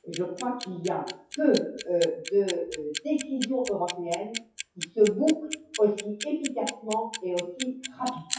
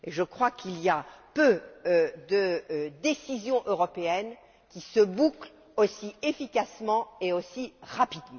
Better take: second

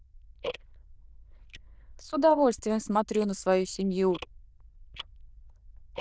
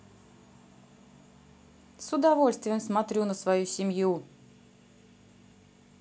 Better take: second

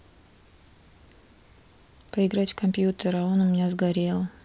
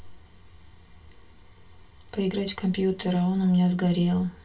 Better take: first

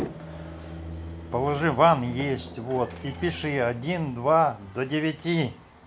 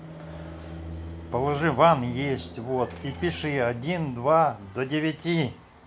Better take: second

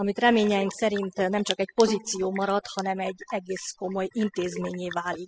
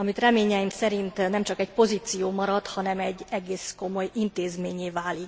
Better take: second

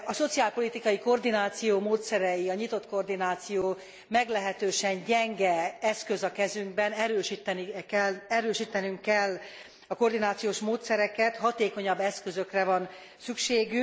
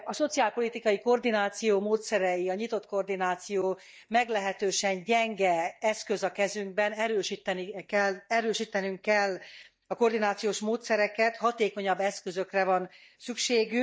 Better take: first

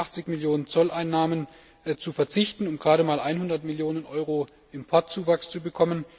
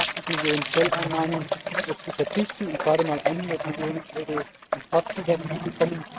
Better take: first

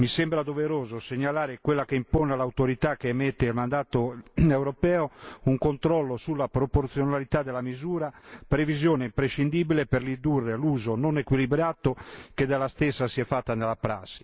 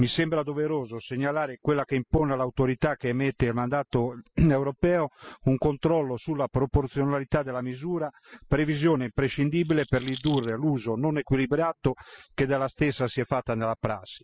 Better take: first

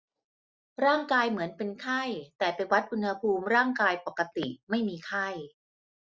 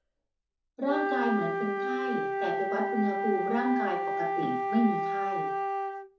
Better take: first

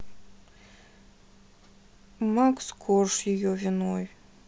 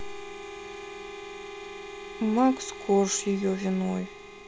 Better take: first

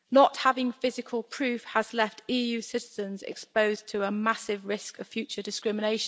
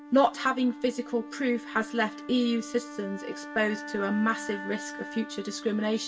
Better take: first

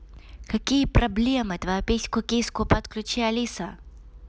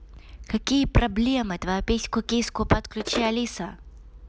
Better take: first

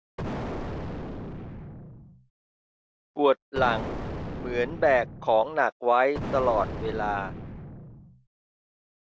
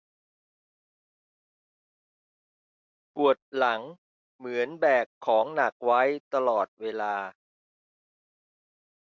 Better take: second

